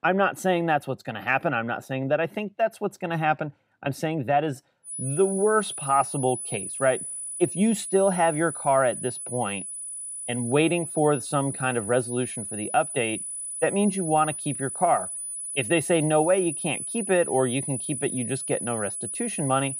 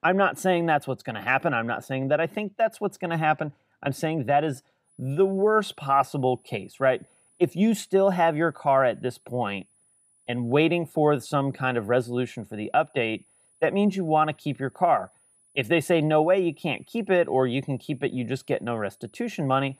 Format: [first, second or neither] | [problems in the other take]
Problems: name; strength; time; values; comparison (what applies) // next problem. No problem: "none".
second | high-pitched whine; loud; from 5 s on; 10 kHz, 6 dB below the speech; faint in the second